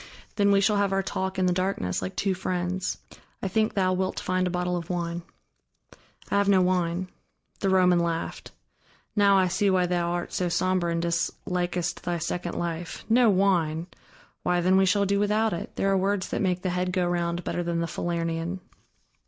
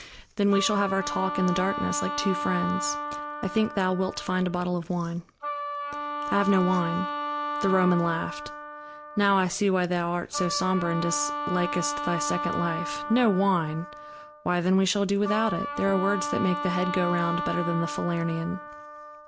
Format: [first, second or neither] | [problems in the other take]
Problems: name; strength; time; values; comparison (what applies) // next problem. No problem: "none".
first | background sound (Wind instrument, woodwind instrument); 6 dB below the speech